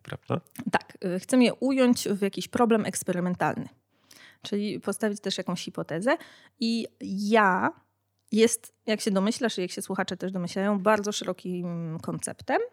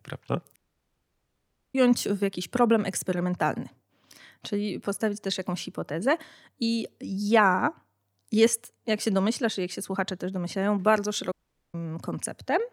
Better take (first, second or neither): first